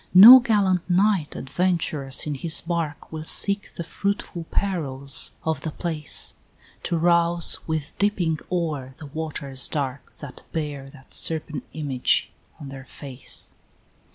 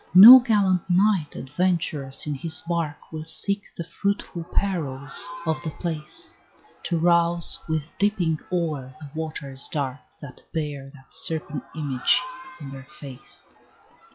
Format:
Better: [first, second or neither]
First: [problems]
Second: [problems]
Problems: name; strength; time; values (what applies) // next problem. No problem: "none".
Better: first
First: none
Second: noise reduction (classical method log-MMSE)